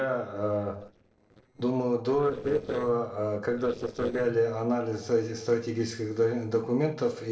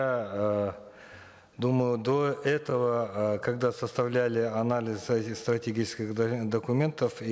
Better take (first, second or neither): second